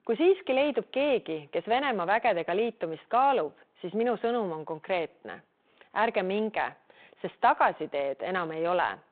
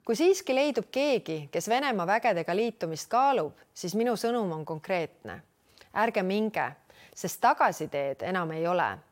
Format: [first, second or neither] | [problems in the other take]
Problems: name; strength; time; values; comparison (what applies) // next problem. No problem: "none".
second | phone-call audio